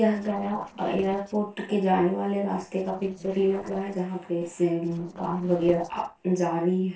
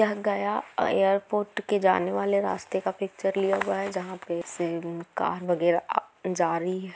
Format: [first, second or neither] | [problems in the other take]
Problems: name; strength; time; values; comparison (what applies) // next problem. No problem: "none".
second | noise reduction (neural separator model SepFormer DNS4)